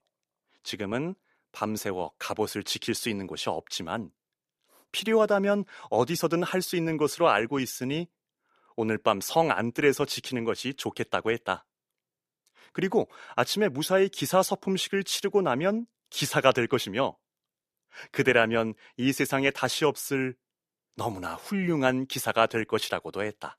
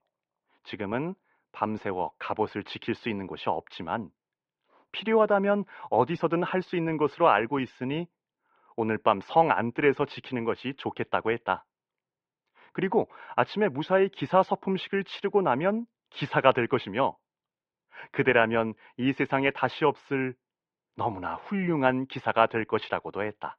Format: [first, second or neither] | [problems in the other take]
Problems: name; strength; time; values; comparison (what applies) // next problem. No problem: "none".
first | muffled; very; fading above 3 kHz